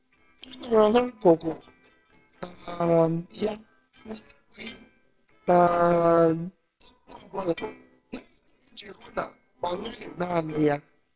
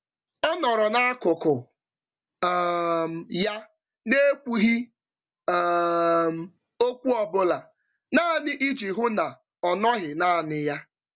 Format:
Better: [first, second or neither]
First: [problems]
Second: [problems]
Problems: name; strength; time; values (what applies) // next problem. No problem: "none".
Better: second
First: noise reduction (neural separator model SepFormer WHAMR!)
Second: none